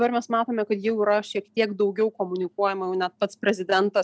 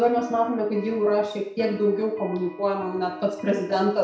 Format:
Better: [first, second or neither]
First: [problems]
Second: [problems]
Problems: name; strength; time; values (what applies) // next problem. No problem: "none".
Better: first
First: none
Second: background sound (Electric guitar); 16 dB below the speech // room echo; dies away in 0.6 s